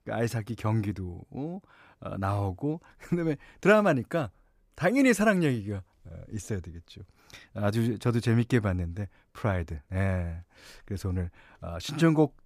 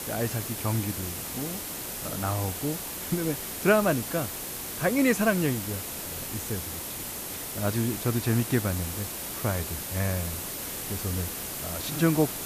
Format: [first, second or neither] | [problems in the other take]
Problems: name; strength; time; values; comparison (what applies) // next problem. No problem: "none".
first | hiss; loud; throughout; 4 dB below the speech